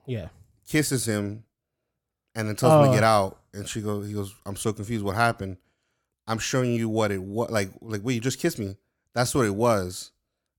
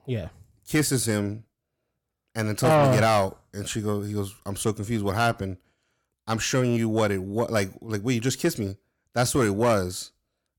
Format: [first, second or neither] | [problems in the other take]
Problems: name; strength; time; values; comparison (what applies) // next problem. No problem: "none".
first | distortion; slight; 10 dB below the speech